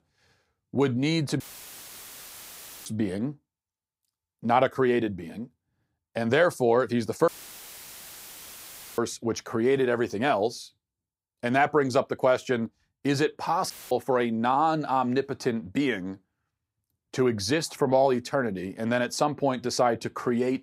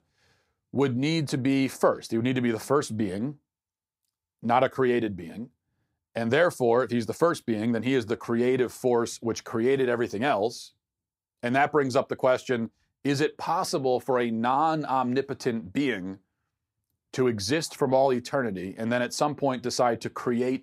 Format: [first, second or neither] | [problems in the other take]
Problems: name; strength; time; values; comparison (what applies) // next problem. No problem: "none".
second | audio cutting out; filled with static; at 1.5 s for 1.5 s, at 7.5 s for 1.5 s and at 14 s